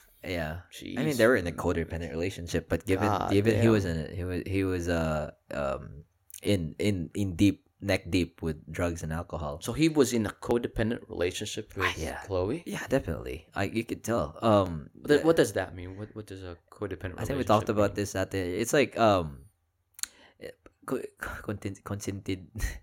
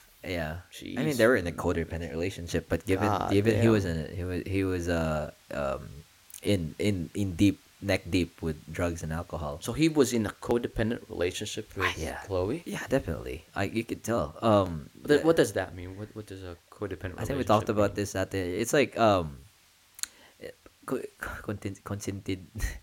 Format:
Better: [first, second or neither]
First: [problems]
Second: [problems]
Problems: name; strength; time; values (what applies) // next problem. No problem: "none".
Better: first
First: none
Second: hiss; faint; throughout; 30 dB below the speech